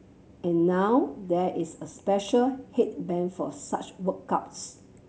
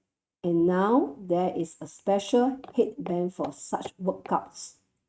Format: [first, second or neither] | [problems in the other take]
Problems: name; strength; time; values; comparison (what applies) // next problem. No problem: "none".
first | noise reduction (neural mask model RNNoise)